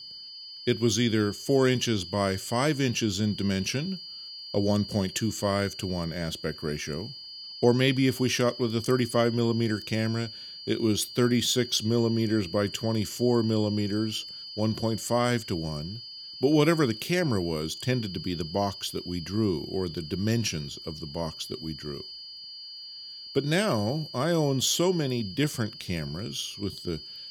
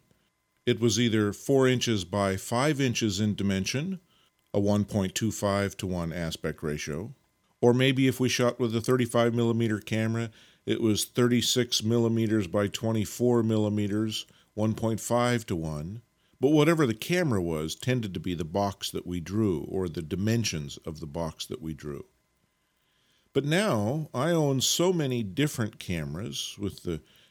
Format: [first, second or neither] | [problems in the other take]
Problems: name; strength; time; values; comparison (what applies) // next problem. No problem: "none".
second | high-pitched whine; noticeable; throughout; 5 kHz, 10 dB below the speech